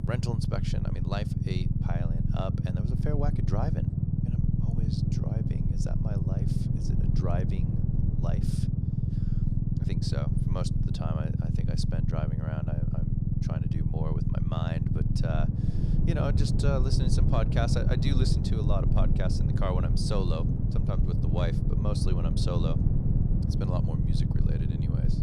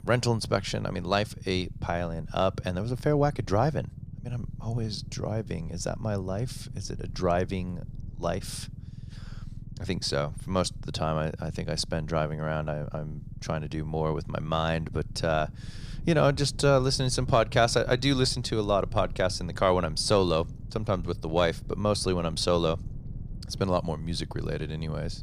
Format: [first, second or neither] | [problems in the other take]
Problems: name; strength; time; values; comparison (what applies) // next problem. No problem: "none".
second | low rumble; loud; throughout; 1 dB below the speech; faint in the second